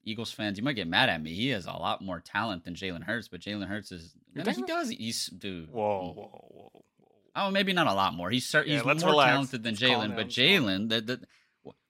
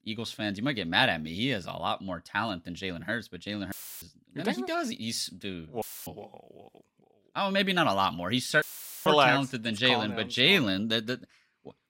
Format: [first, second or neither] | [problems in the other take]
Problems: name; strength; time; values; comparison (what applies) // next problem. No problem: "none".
first | audio cutting out; filled with static; at 3.5 s, at 6 s and at 8.5 s